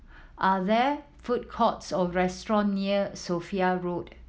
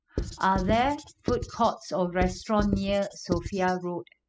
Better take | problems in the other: first | noise reduction (classical method spectral subtraction)

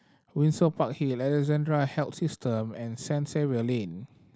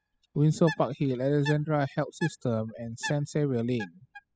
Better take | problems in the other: first | noise reduction (classical method spectral subtraction)

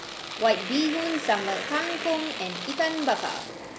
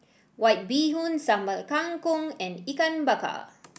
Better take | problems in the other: second | background sound (Domestic sounds, home sounds); 6 dB below the speech

